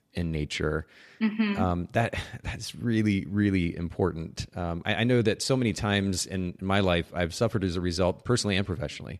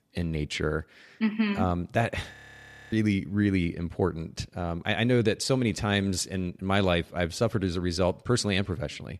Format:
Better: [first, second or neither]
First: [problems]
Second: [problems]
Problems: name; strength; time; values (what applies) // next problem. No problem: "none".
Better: first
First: none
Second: audio freezing; at 2.5 s for 0.5 s